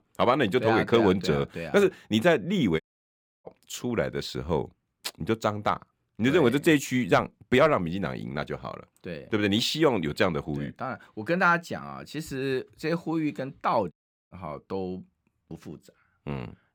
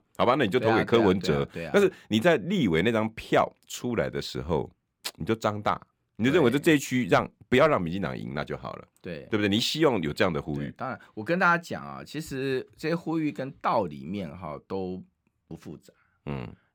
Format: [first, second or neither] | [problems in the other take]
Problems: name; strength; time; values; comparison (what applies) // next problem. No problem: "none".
second | audio cutting out; at 3 s for 0.5 s and at 14 s